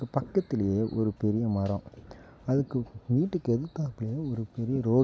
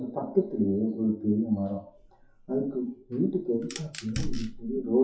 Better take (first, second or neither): first